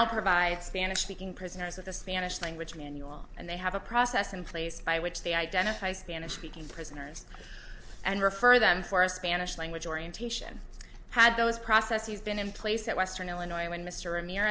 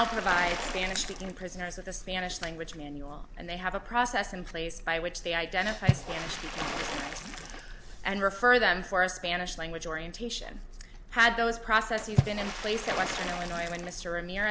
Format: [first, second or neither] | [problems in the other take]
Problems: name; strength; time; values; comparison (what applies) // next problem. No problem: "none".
first | background sound (Water / Splash, splatter); 7 dB below the speech